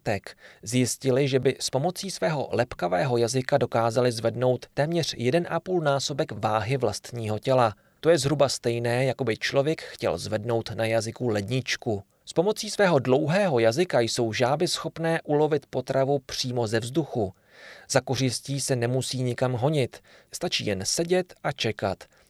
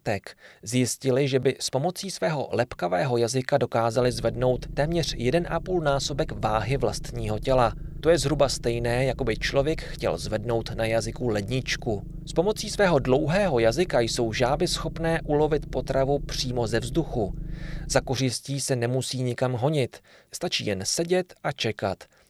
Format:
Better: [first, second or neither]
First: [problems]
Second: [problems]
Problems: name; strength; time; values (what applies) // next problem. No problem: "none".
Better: first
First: none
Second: low rumble; faint; from 4 to 18 s; 25 dB below the speech